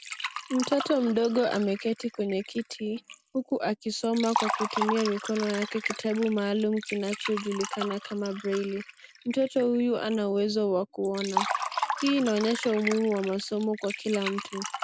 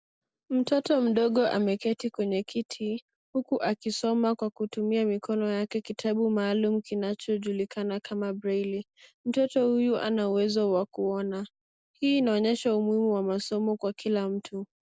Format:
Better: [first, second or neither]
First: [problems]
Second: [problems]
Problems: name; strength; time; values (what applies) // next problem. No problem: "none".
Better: second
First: background sound (Liquid); 8 dB below the speech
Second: none